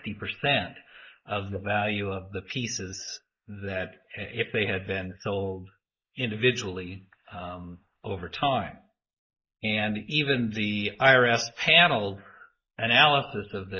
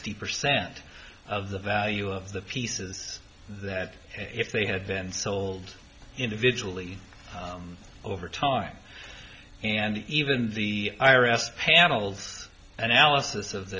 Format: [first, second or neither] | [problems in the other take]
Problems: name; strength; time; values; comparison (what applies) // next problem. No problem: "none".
second | noise reduction (neural mask model Resemble Enhance denoiser)